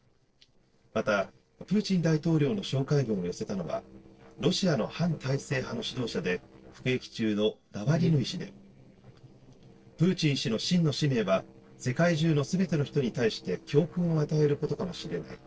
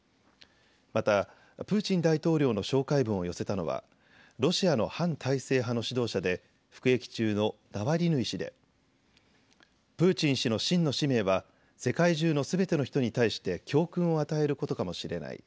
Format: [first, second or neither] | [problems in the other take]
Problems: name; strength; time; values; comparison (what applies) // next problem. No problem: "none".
second | noise reduction (neural separator model SepFormer DNS4)